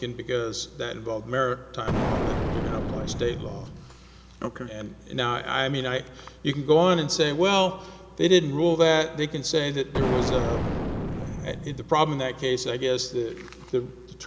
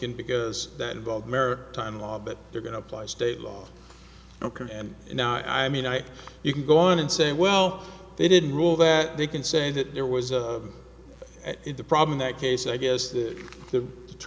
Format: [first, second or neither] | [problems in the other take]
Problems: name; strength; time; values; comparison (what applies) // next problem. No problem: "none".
second | background sound (Explosion); 2 dB below the speech